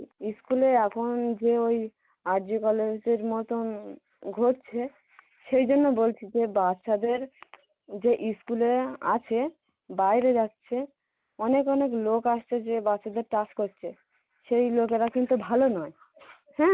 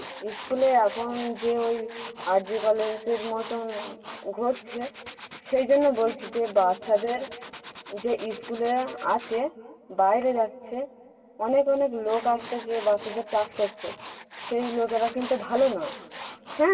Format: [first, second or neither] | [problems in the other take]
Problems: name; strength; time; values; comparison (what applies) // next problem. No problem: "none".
first | background sound (Tools); 16 dB below the speech // room echo; dies away in 3 s